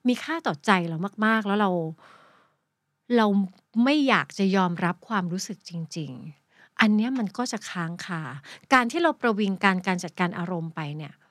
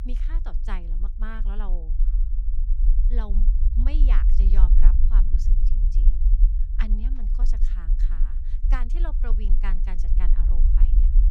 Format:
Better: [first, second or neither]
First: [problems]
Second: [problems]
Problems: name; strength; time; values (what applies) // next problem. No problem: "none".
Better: first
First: none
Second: low rumble; loud; throughout; 6 dB below the speech